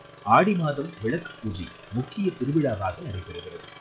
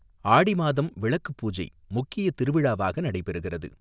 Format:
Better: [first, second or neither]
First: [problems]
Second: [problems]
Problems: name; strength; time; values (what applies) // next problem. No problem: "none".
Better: second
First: noise reduction (classical method log-MMSE)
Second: none